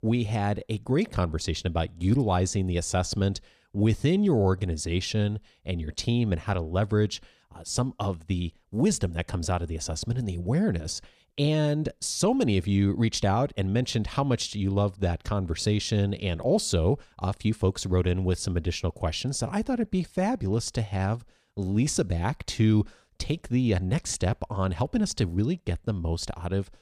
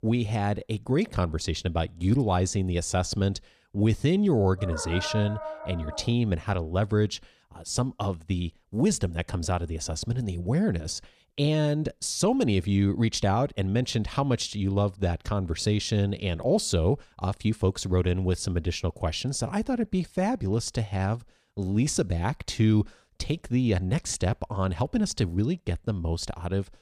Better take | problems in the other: first | dog barking; noticeable; from 4.5 to 6 s; peak 7 dB below the speech

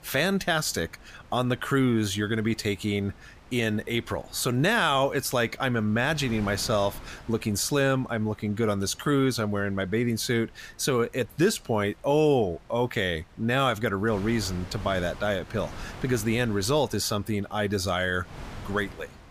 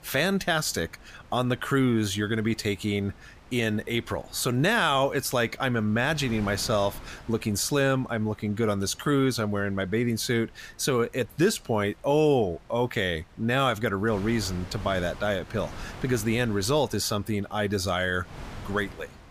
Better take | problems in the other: neither | wind noise on the microphone; occasional gusts; 20 dB below the speech; the same in both

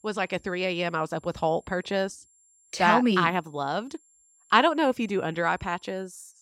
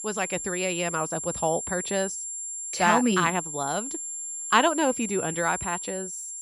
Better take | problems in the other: first | high-pitched whine; loud; throughout; 7.5 kHz, 5 dB below the speech; faint in the first

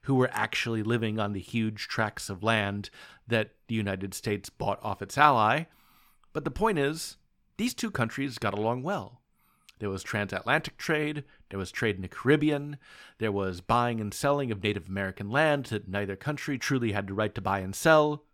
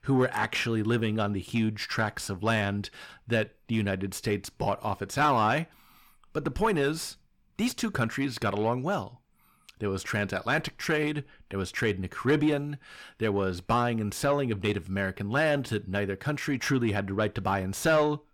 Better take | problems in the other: first | distortion; slight; 10 dB below the speech

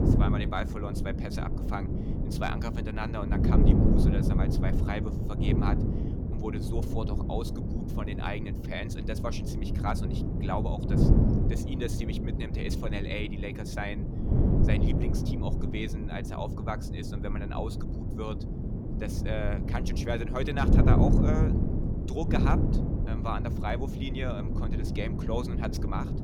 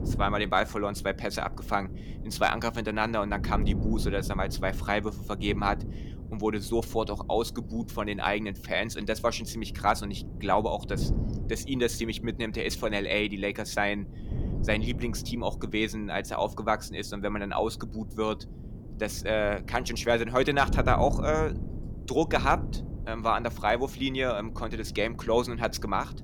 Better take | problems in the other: second | wind noise on the microphone; heavy; 1 dB below the speech; occasional gusts in the second

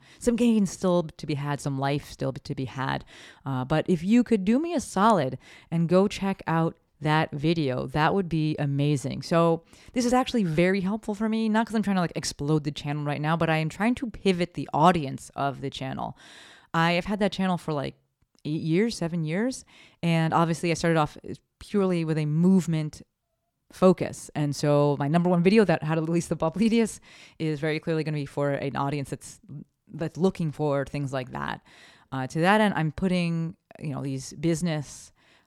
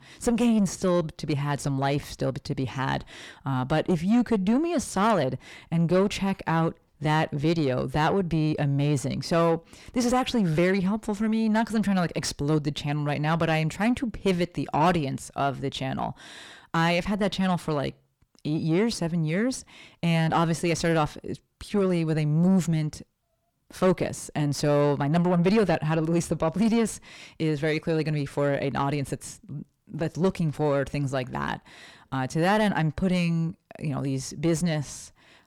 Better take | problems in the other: first | distortion; slight; 9 dB below the speech

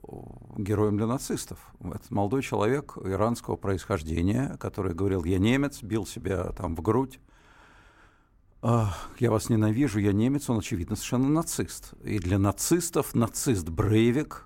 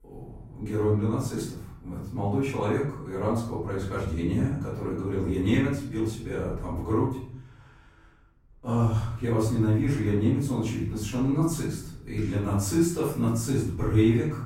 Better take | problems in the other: first | room echo; noticeable; dies away in 0.7 s // off-mic speech; far

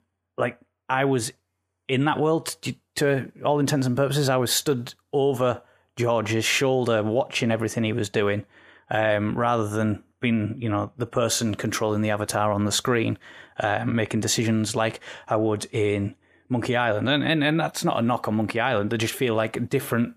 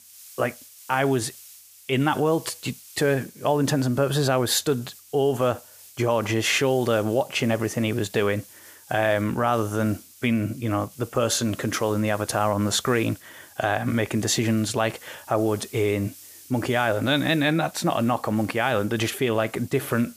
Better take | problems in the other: first | hiss; faint; throughout; 20 dB below the speech

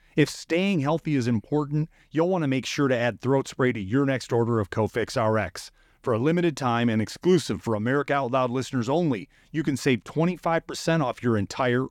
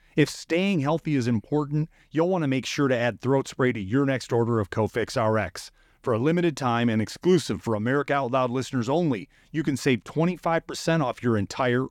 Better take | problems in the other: neither | none

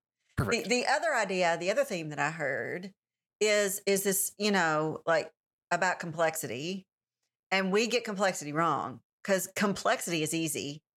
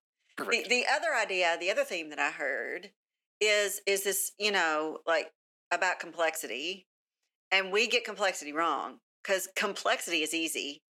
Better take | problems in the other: first | thin; somewhat; fading below 250 Hz

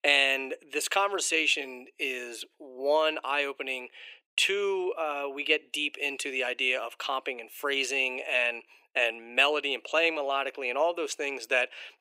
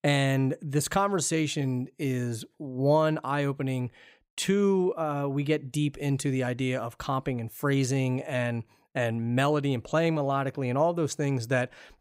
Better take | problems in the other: second | thin; very; fading below 350 Hz

